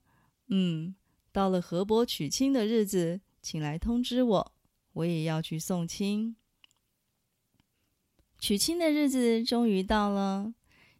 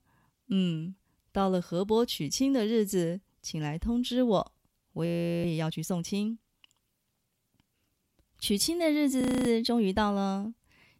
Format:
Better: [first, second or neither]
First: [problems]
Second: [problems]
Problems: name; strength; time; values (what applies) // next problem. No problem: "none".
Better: first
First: none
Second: audio freezing; at 5 s and at 9 s